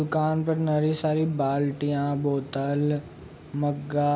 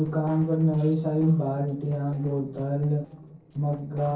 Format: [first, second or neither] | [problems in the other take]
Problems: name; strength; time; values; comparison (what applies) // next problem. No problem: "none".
first | noise reduction (neural separator model SepFormer DNS4)